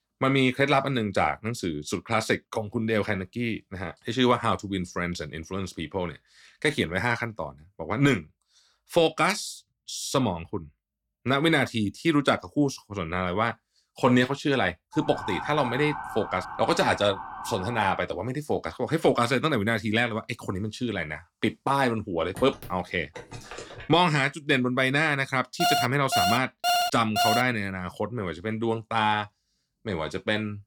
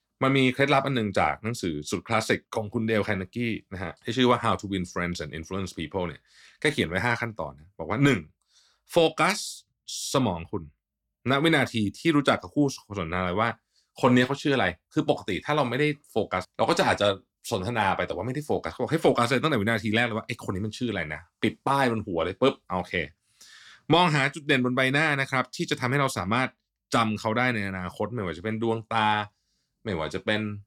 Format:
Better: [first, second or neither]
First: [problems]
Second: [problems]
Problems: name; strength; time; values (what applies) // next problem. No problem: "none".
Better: second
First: siren; noticeable; from 15 to 18 s; peak 7 dB below the speech // phone ringing; faint; from 22 to 24 s; peak 15 dB below the speech // alarm; loud; from 26 to 27 s; peak 2 dB above the speech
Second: none